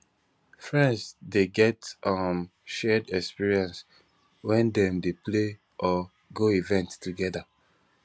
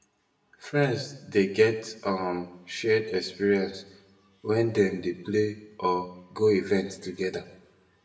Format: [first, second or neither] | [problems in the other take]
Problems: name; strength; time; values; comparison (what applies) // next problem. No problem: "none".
first | room echo; dies away in 0.7 s